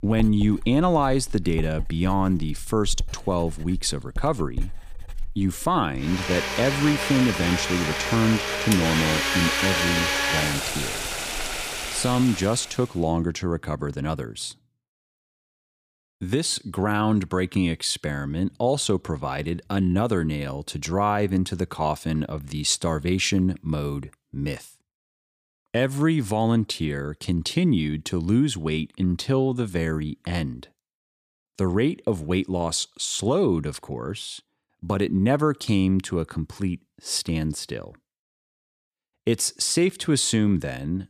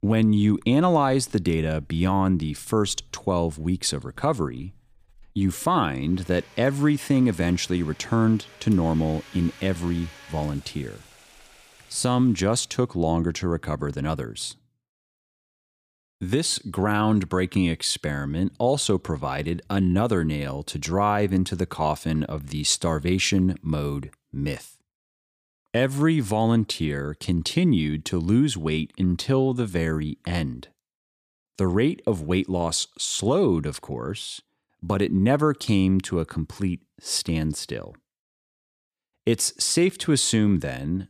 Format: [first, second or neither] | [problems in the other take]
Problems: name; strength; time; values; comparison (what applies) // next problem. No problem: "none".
second | household noises; loud; until 13 s; 1 dB below the speech; faint in the second